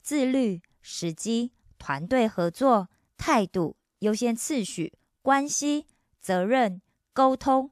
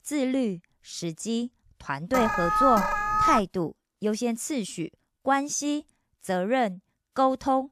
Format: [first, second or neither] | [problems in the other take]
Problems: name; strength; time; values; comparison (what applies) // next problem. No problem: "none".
first | alarm; loud; from 2 to 3.5 s; peak 5 dB above the speech